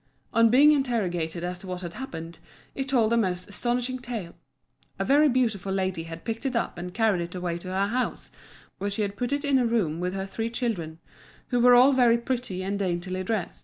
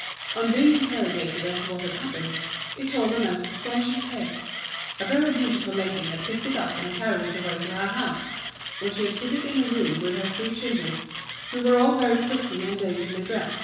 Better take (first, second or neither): first